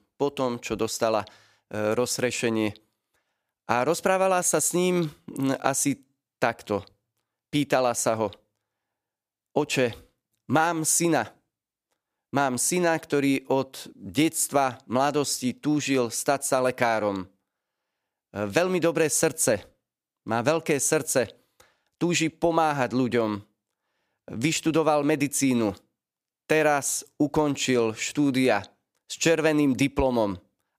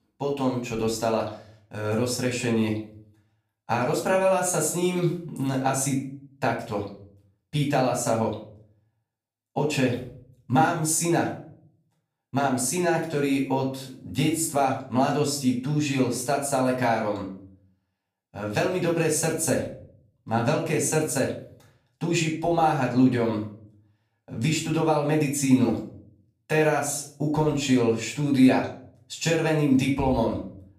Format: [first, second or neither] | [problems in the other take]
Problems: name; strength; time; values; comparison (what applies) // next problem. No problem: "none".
first | off-mic speech; far // room echo; slight; dies away in 0.5 s